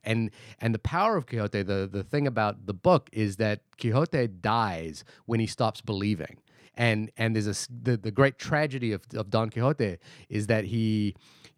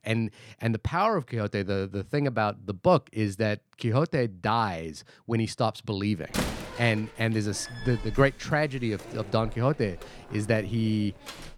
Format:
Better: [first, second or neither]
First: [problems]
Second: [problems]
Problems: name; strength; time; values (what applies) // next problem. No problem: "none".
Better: first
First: none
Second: door banging; noticeable; from 6.5 s on; peak 3 dB below the speech